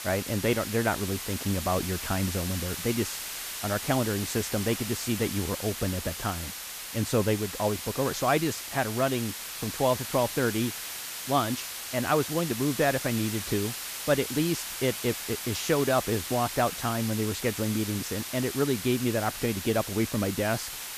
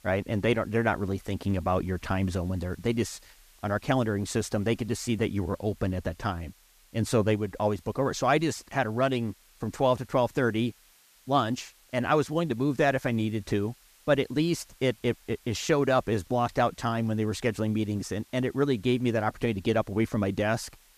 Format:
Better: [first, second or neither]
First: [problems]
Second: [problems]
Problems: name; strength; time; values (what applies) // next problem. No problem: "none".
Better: second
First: hiss; loud; throughout; 5 dB below the speech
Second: hiss; faint; throughout; 30 dB below the speech